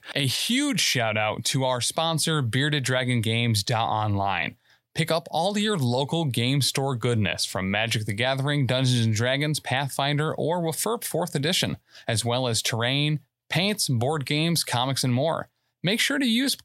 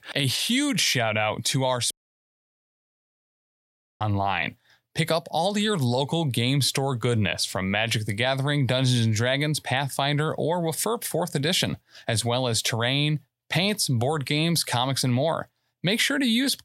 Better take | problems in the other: first | audio cutting out; at 2 s for 2 s

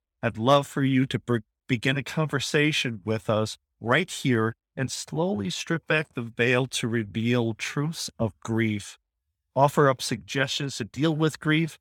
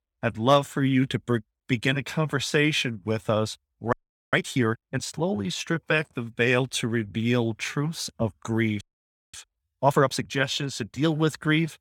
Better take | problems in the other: first | audio freezing; at 4 s and at 9 s for 0.5 s

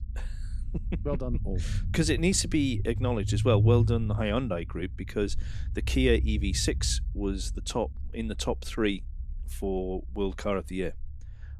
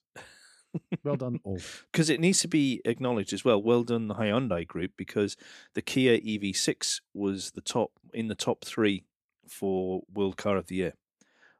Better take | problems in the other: second | low rumble; noticeable; throughout; 15 dB below the speech

